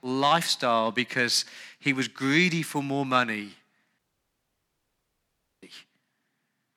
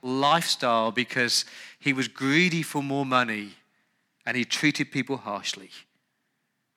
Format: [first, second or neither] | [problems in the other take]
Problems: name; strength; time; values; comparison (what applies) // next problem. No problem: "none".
second | audio cutting out; at 4 s for 1.5 s